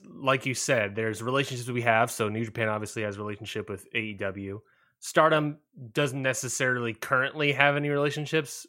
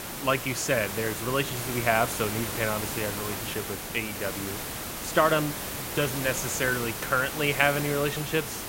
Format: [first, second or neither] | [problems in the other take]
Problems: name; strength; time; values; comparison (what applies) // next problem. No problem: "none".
first | hiss; loud; throughout; 5 dB below the speech